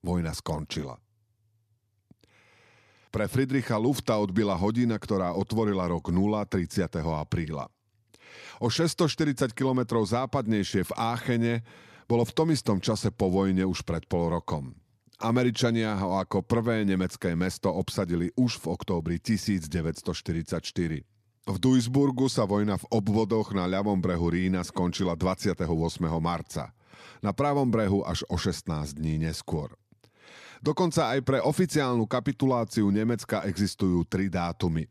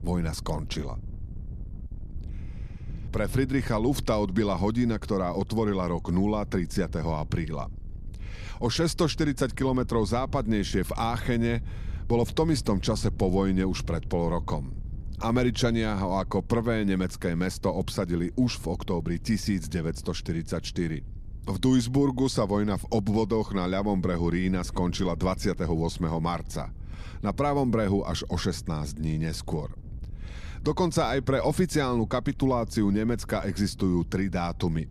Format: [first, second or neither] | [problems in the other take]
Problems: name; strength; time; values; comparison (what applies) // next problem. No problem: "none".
first | wind noise on the microphone; occasional gusts; 25 dB below the speech